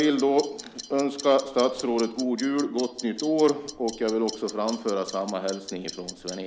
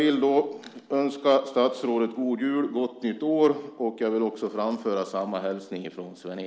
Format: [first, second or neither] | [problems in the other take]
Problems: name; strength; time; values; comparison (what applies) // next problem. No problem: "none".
second | background sound (Clock); 15 dB below the speech